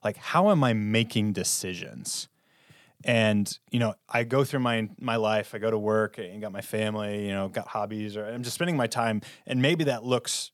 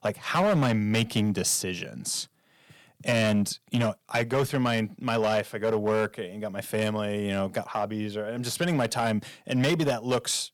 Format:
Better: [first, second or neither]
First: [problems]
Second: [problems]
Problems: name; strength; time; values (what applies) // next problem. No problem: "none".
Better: first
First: none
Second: distortion; slight; 6% of the sound clipped